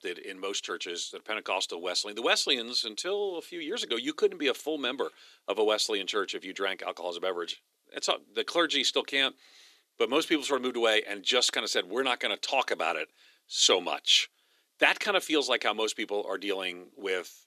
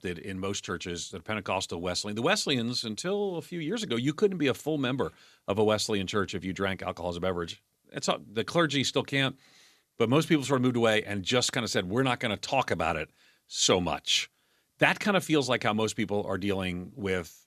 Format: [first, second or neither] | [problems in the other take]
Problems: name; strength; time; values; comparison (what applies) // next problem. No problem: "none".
second | thin; somewhat; fading below 350 Hz